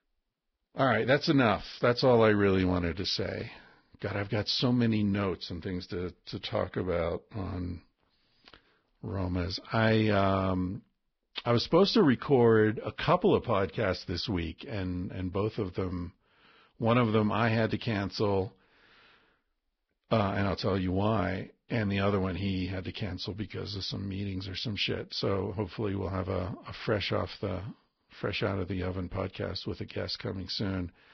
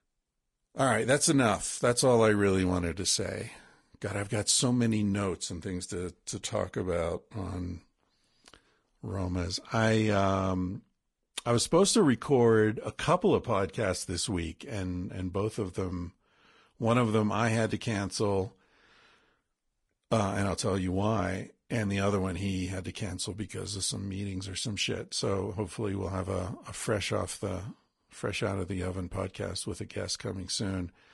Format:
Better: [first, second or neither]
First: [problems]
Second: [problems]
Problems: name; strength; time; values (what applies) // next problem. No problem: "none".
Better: second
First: garbled, watery; badly; nothing above 5.5 kHz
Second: garbled, watery; slightly; nothing above 10.5 kHz